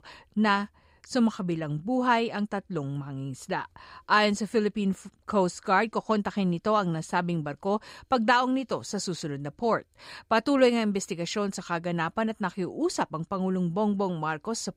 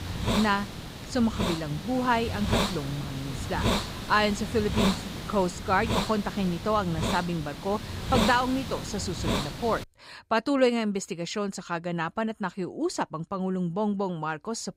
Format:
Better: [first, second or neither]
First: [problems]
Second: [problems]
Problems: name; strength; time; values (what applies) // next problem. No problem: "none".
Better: first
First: none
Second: hiss; loud; until 10 s; 3 dB below the speech